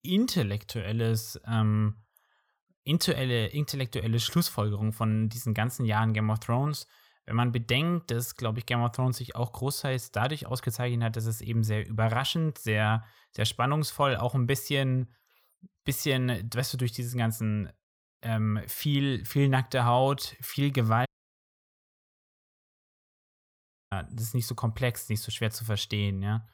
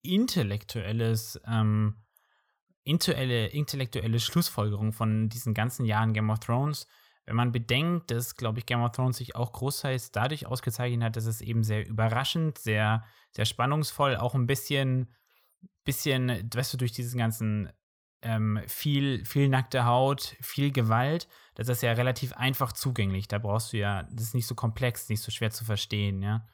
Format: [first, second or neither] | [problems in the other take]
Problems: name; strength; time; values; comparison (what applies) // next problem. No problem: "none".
second | audio cutting out; at 21 s for 3 s